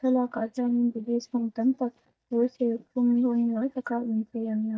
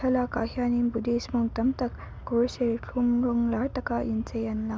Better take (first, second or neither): second